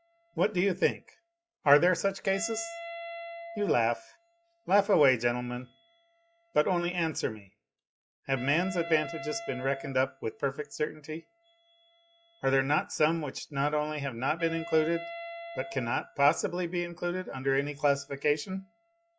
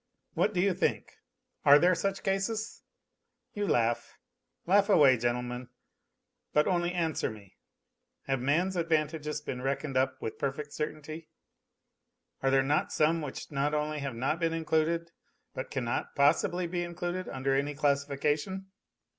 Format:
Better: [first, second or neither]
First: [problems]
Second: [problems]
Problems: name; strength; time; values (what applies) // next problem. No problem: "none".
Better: second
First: noise reduction (classical method log-MMSE)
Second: none